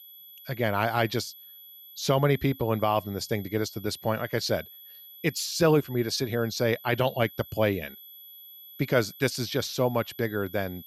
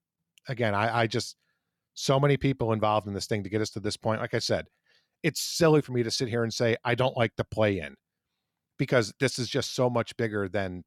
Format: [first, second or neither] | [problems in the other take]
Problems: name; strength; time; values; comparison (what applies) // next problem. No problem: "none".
second | high-pitched whine; noticeable; throughout; 12 kHz, 20 dB below the speech